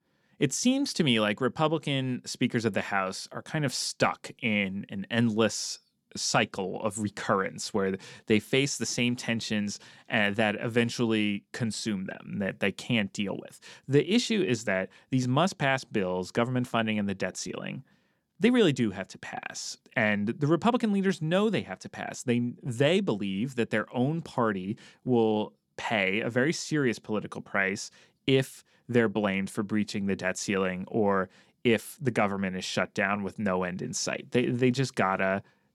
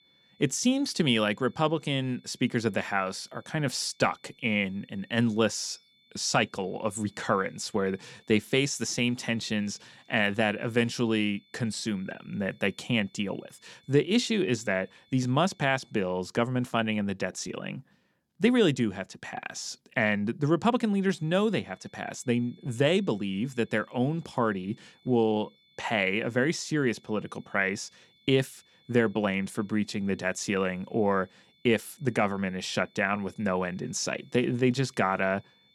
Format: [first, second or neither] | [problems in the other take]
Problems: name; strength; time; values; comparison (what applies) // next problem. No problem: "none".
first | high-pitched whine; faint; until 16 s and from 21 s on; 3.5 kHz, 35 dB below the speech